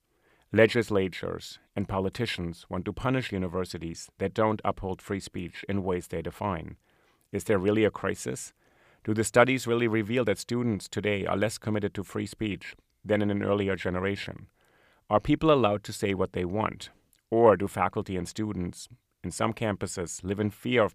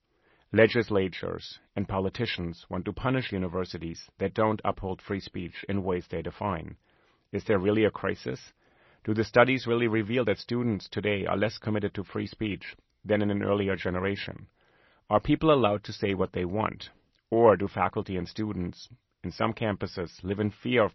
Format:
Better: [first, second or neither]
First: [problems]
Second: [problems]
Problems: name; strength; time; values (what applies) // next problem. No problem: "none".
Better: first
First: none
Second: garbled, watery; slightly; nothing above 6 kHz